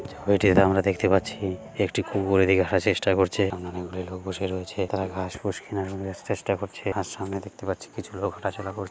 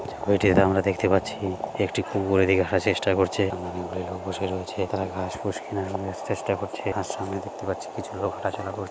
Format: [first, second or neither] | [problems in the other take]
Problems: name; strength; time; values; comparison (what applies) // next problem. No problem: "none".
first | background sound (Boiling); 10 dB below the speech